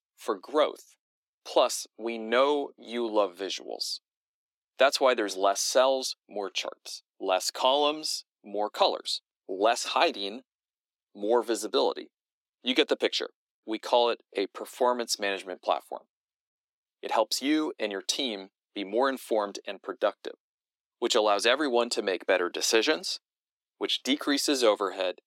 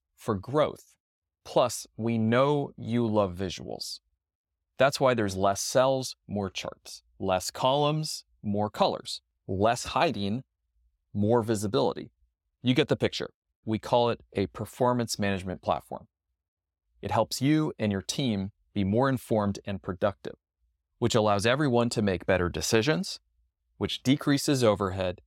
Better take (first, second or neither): second